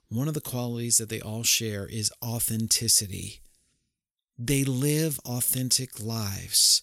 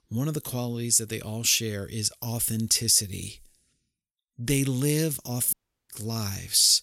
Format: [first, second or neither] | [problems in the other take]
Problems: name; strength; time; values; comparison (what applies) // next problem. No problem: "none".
first | audio cutting out; at 5.5 s